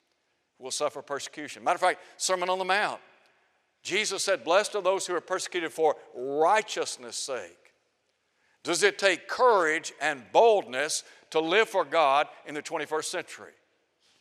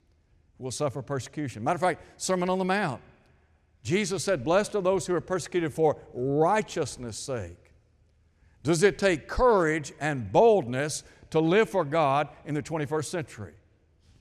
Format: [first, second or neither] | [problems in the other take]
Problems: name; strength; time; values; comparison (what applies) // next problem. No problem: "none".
second | thin; very; fading below 550 Hz